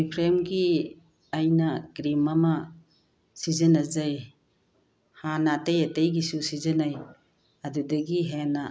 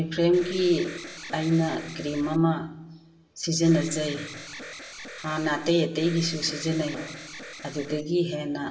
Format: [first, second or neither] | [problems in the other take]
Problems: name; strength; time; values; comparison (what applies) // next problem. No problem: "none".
first | background sound (Alarm); 14 dB below the speech // room echo; dies away in 0.8 s